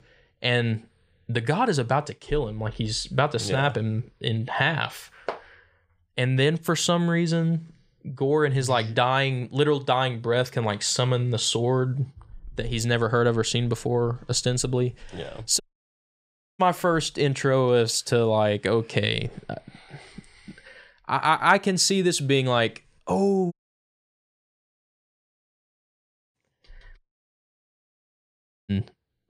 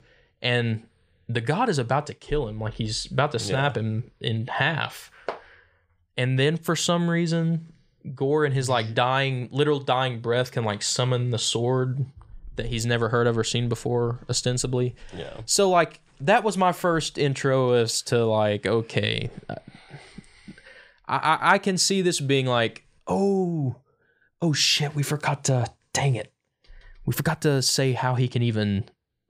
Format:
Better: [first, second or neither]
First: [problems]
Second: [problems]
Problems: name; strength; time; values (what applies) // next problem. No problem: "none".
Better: second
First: audio cutting out; at 16 s for 1 s, at 24 s for 3 s and at 27 s for 1.5 s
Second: none